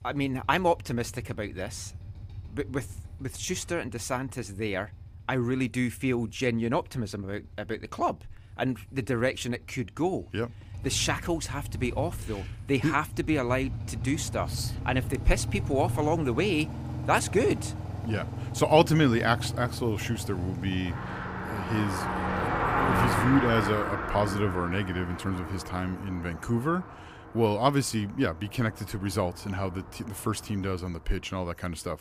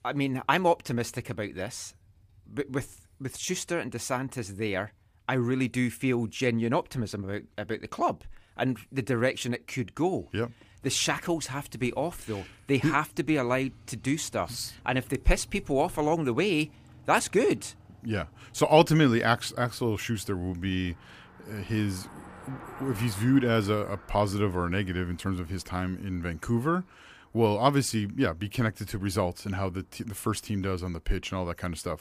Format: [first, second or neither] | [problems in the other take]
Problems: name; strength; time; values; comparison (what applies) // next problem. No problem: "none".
second | traffic noise; loud; throughout; 5 dB below the speech; faint in the second